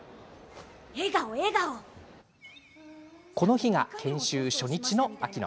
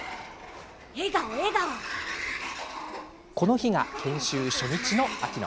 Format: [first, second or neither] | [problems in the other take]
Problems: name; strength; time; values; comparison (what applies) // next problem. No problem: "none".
first | background sound (Sliding door); 7 dB below the speech